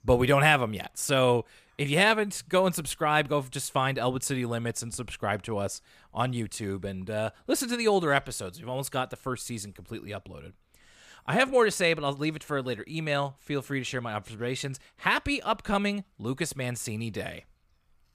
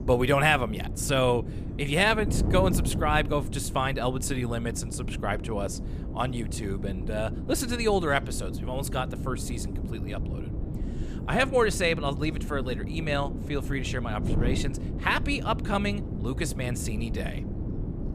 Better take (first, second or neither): first